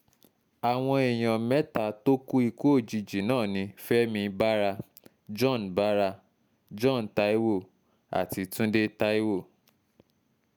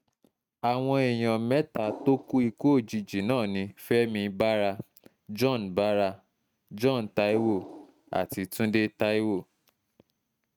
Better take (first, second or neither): first